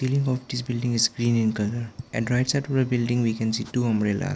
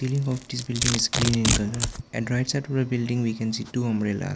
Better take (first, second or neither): first